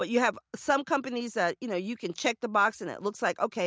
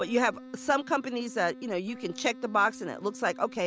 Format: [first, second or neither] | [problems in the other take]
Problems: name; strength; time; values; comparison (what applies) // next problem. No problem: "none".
first | background sound (Wind instrument, woodwind instrument); 16 dB below the speech